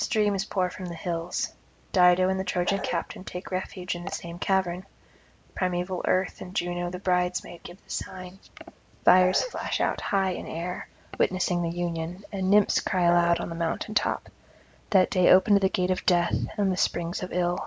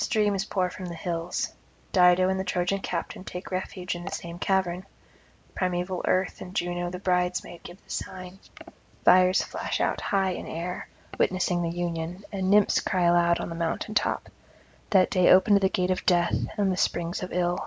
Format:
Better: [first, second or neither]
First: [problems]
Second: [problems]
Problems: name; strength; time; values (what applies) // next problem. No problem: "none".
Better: second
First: background sound (Bark); 7 dB below the speech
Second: none